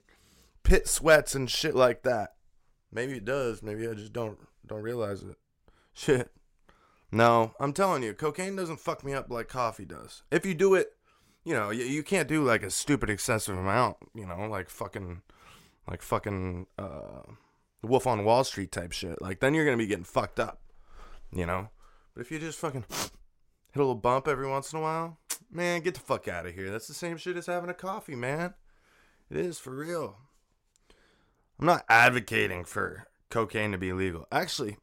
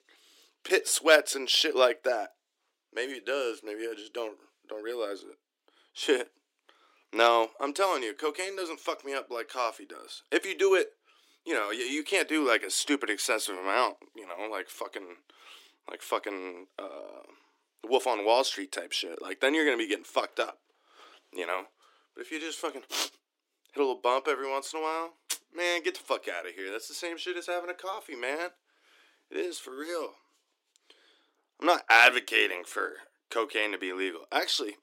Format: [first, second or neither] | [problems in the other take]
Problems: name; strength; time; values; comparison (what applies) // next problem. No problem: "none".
first | thin; somewhat; fading below 300 Hz